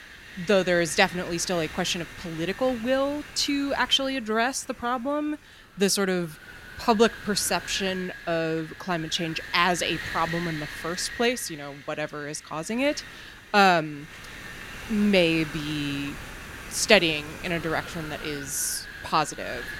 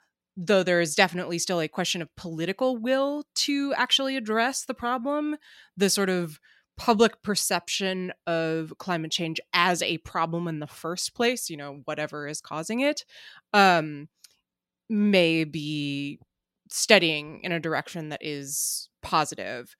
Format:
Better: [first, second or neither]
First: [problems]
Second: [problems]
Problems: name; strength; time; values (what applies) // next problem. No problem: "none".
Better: second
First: wind noise on the microphone; occasional gusts; 10 dB below the speech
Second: none